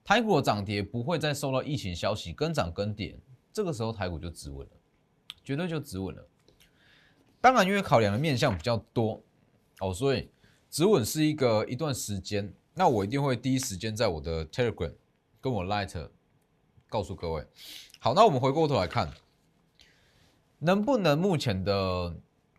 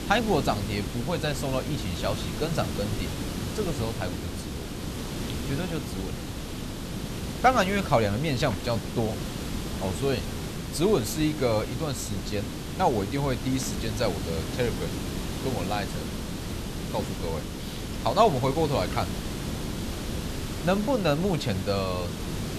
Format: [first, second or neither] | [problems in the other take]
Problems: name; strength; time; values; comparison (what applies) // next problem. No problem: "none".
first | hiss; loud; throughout; 5 dB below the speech